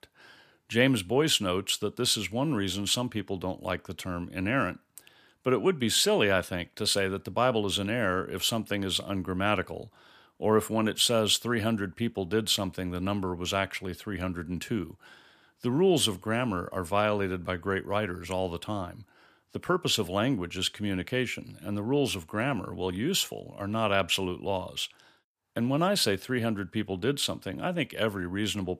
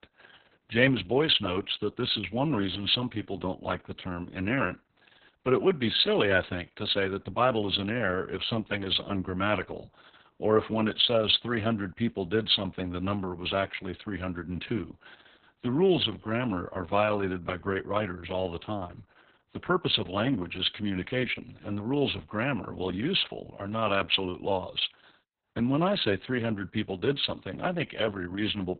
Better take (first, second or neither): first